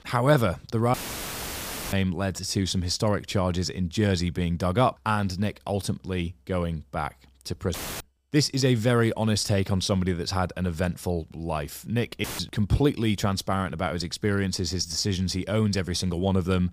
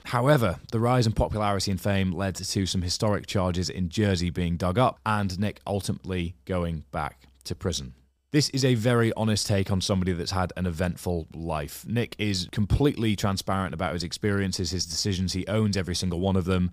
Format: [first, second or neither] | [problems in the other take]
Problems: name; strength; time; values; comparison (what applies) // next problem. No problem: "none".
second | audio cutting out; filled with static; at 1 s for 1 s, at 7.5 s and at 12 s